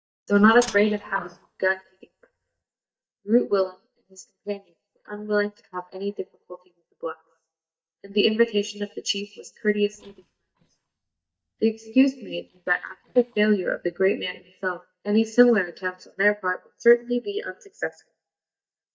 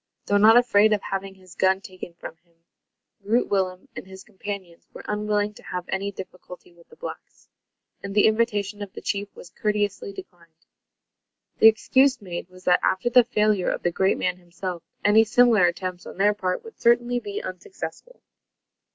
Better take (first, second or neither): second